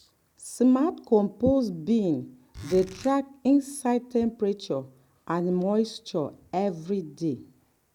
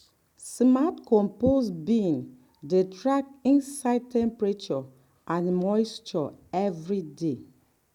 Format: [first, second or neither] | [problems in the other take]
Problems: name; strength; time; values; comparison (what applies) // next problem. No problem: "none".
second | background sound (Zipper (clothing)); 17 dB below the speech